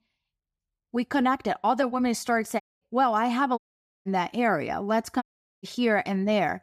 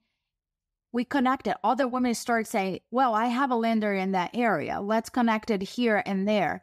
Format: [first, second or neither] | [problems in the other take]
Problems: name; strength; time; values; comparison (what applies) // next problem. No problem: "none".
second | audio cutting out; at 2.5 s, at 3.5 s and at 5 s